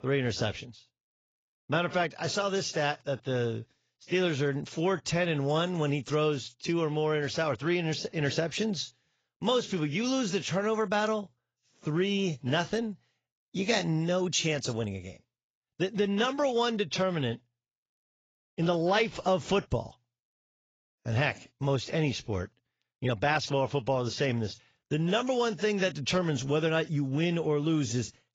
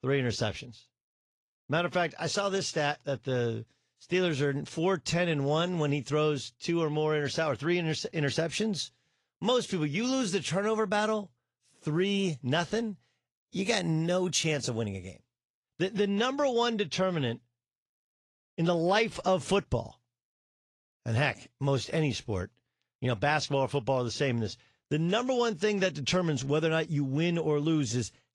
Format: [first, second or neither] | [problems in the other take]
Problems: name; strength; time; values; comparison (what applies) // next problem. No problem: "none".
second | garbled, watery; badly; nothing above 7.5 kHz; slightly in the second